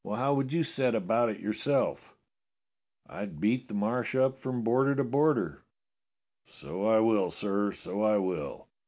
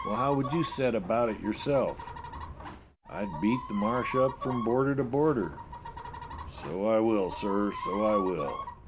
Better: first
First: none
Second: background sound (Chicken, rooster); 9 dB below the speech

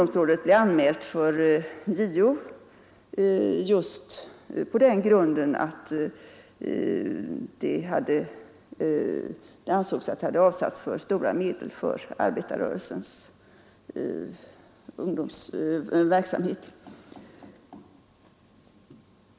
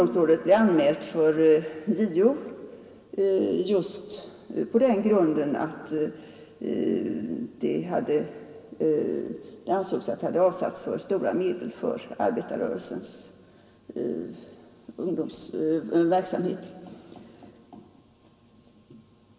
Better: first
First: none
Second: room echo; dies away in 2 s

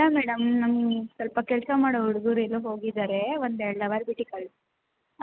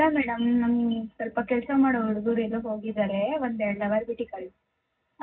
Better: first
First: none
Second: room echo; dies away in 0.4 s

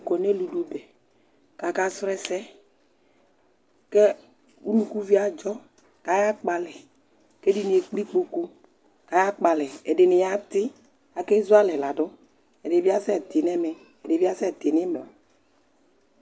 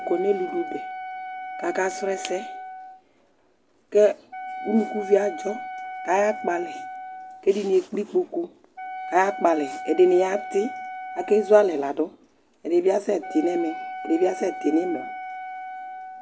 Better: first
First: none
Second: background sound (Wind instrument, woodwind instrument); 11 dB below the speech

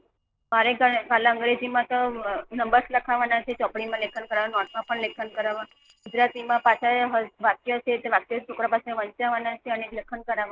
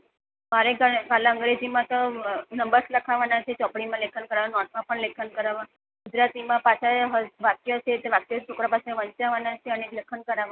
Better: second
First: noise reduction (neural separator model SepFormer DNS4)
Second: none

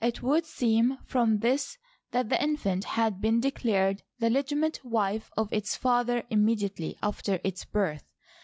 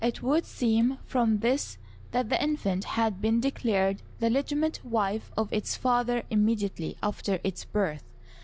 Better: first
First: none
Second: background sound (Bus); 18 dB below the speech

